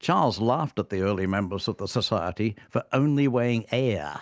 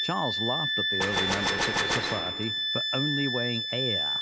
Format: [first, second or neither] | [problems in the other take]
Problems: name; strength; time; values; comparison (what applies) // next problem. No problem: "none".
first | background sound (Gunshot, gunfire + Wind instrument, woodwind instrument); 4 dB above the speech